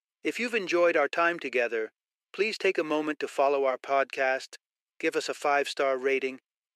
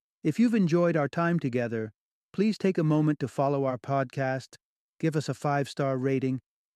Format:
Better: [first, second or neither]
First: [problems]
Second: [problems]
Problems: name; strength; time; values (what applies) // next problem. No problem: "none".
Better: second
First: thin; very; fading below 400 Hz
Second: none